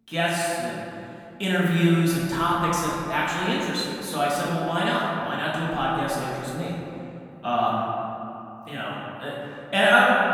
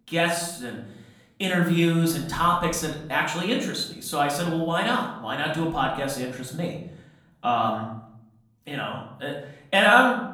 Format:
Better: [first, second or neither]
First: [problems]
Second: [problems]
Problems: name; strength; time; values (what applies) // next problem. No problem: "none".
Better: second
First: room echo; strong; dies away in 2.5 s // off-mic speech; far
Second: room echo; slight; dies away in 0.7 s // off-mic speech; far